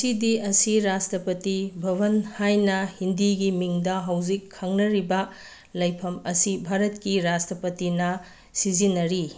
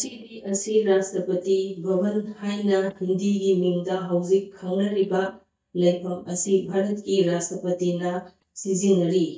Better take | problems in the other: first | noise reduction (neural mask model DeepFilterNet 3)

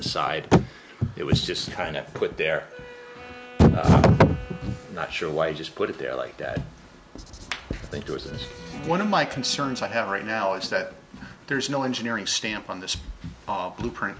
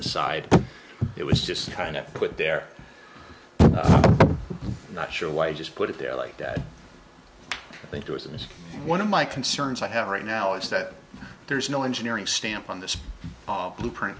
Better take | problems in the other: second | background sound (Wind instrument, woodwind instrument + Writing); 18 dB below the speech

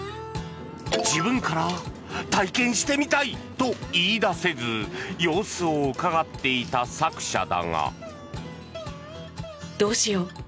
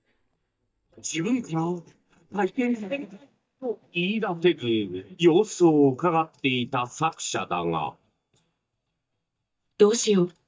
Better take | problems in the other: first | noise reduction (neural mask model DeepFilterNet 3)

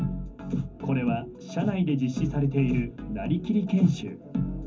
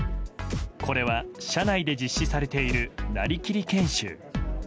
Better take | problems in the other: second | room echo; dies away in 0.3 s

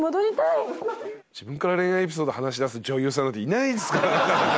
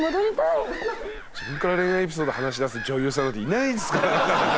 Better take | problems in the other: first | background sound (Gull, seagull / Bird vocalization, bird call, bird song); 12 dB below the speech

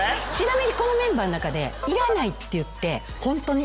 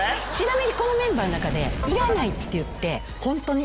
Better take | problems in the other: first | background sound (Fire); 9 dB below the speech

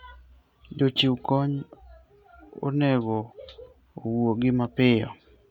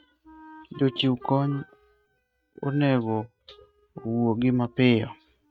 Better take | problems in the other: first | noise reduction (neural mask model RNNoise)

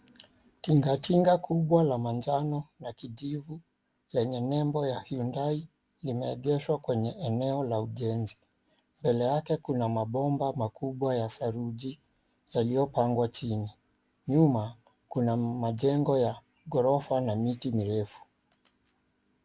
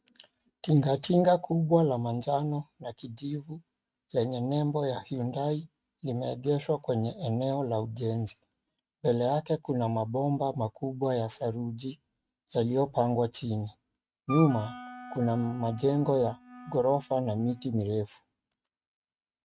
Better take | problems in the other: first | noise reduction (neural mask model RNNoise)

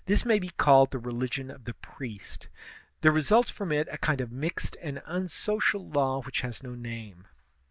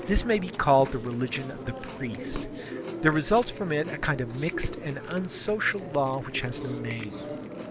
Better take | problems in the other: first | background sound (Chewing, mastication); 9 dB below the speech

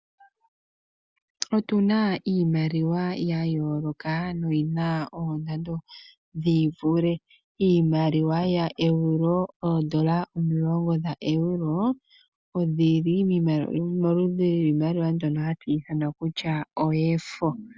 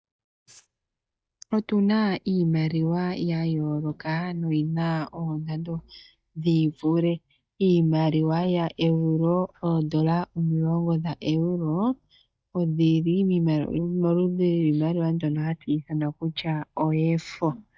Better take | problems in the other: first | noise reduction (neural mask model DeepFilterNet 3)

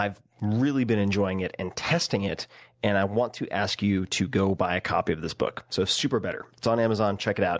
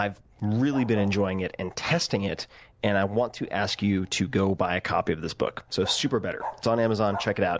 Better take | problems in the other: first | background sound (Bark); 18 dB below the speech

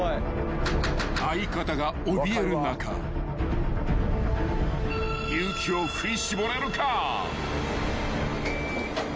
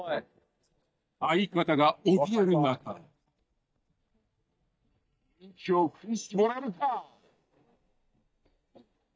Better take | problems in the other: first | noise reduction (neural mask model DeepFilterNet 3)

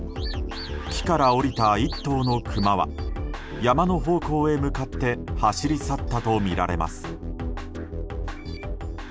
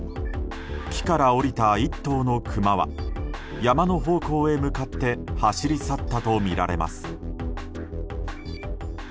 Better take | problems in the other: second | background sound (Alarm / Car); 16 dB below the speech

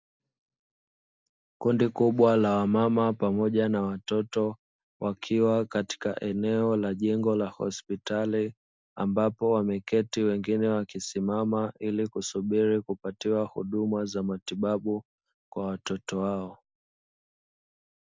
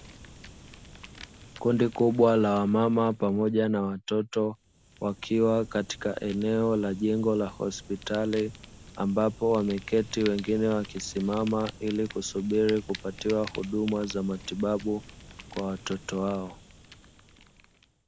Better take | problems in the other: first | background sound (Fire); 19 dB below the speech

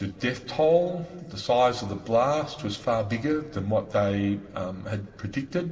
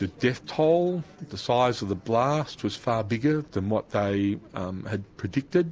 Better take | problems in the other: second | room echo; dies away in 1.7 s

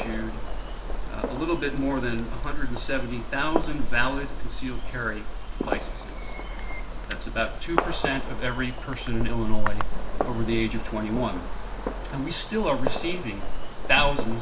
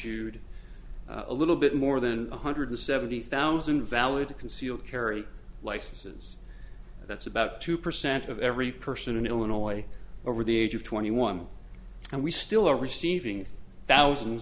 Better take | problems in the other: second | background sound (Fireworks); 11 dB below the speech // room echo; dies away in 0.2 s

